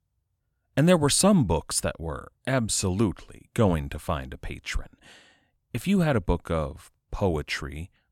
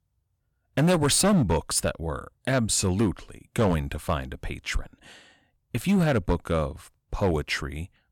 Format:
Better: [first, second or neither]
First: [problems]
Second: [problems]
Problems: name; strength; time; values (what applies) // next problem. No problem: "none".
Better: first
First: none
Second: distortion; slight; 5% of the sound clipped